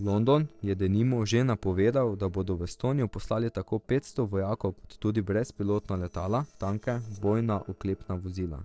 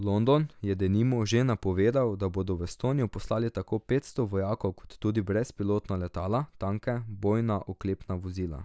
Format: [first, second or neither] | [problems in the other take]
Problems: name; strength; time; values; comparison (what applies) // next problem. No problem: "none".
second | noise reduction (neural separator model SepFormer DNS4)